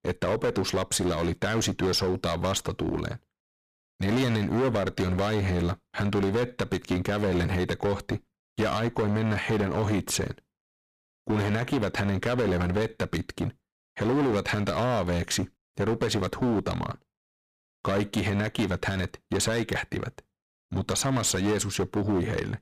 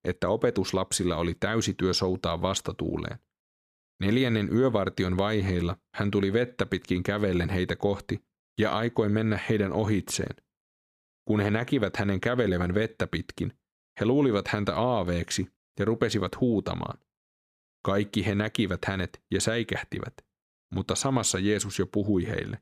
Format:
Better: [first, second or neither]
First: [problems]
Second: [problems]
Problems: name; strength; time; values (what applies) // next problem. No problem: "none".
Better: second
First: distortion; heavy; 15% of the sound clipped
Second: none